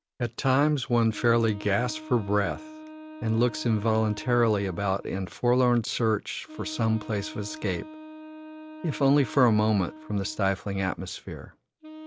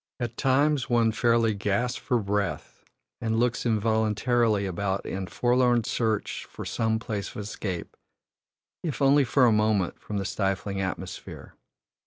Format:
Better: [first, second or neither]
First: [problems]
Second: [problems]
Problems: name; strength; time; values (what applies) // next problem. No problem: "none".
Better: second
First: background sound (Wind instrument, woodwind instrument); 17 dB below the speech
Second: none